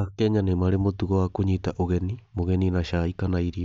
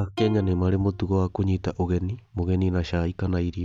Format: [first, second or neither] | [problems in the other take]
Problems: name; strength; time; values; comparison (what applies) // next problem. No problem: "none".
first | background sound (Plucked string instrument); 18 dB below the speech